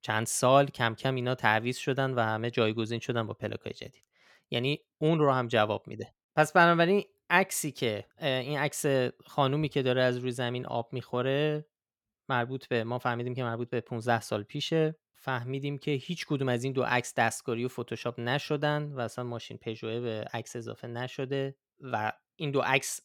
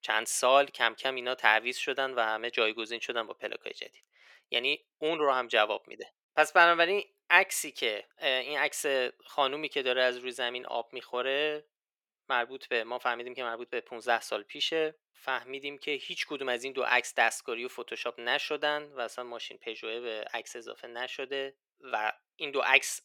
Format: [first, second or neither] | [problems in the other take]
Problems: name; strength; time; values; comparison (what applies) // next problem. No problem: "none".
first | thin; very; fading below 400 Hz